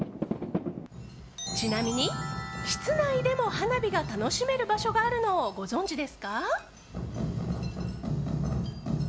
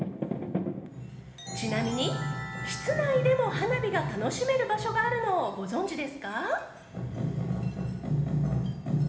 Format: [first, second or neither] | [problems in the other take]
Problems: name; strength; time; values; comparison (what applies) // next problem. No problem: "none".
first | room echo; dies away in 1.1 s